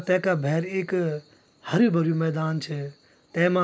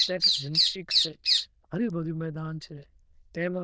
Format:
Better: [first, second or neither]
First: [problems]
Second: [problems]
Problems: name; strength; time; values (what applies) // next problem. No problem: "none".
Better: first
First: none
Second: noise reduction (neural diffusion model UNIVERSE++)